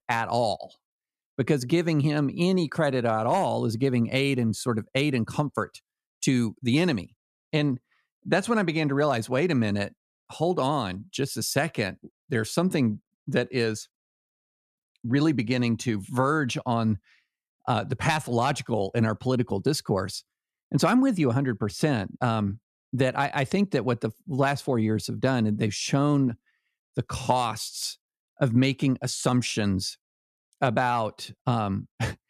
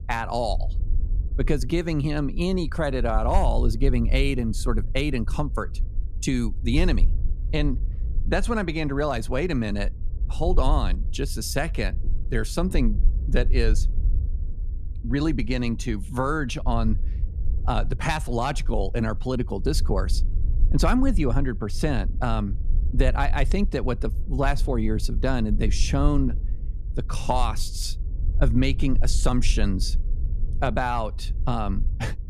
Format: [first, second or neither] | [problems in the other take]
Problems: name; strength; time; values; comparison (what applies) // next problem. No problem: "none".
first | low rumble; faint; throughout; 20 dB below the speech